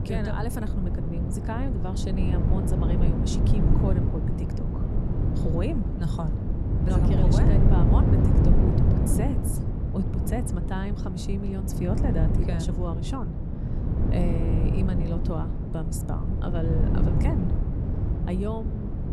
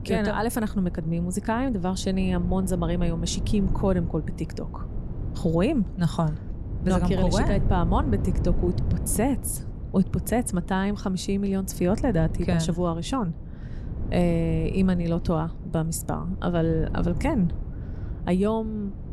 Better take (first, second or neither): second